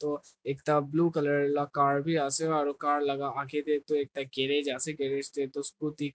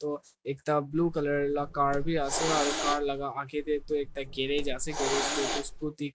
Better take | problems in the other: first | background sound (Hiss); 3 dB below the speech

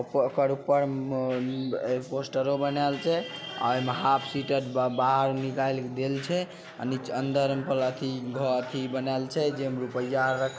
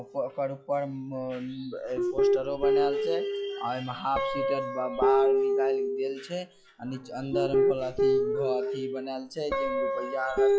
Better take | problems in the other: first | noise reduction (classical method log-MMSE)

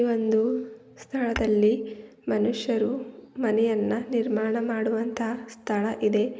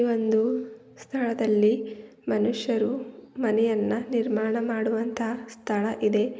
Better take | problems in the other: second | background sound (Tap / Hammer / Glass); 19 dB below the speech

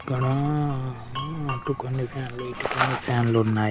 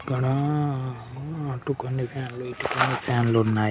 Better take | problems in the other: second | background sound (Glass); 13 dB below the speech

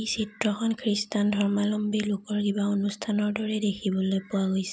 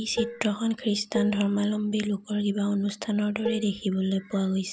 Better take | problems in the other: first | background sound (Dishes, pots, and pans); 9 dB below the speech

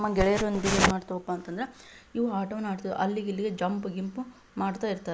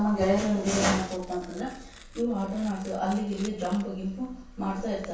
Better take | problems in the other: first | background sound (Tearing); 18 dB below the speech // room echo; dies away in 0.7 s

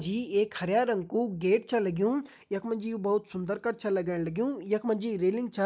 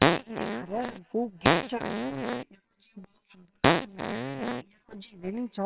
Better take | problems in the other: first | noise reduction (neural separator model SepFormer WHAMR!)

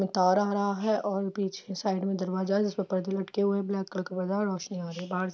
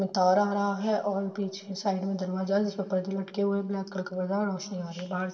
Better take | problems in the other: first | room echo; dies away in 2.6 s

